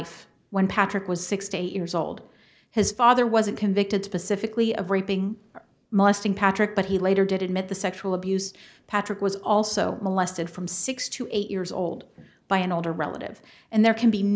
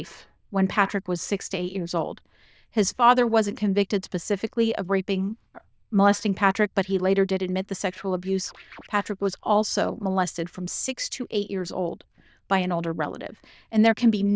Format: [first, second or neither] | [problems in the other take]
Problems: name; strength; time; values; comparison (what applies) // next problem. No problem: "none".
first | noise reduction (neural diffusion model UNIVERSE++)